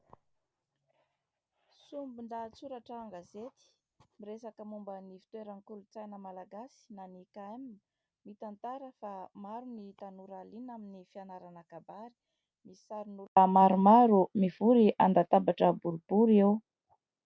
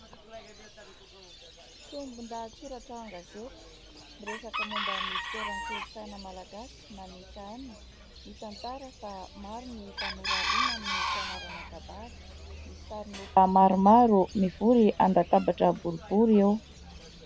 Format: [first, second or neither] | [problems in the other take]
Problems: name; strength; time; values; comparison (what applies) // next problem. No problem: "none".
first | background sound (Chicken, rooster); 10 dB below the speech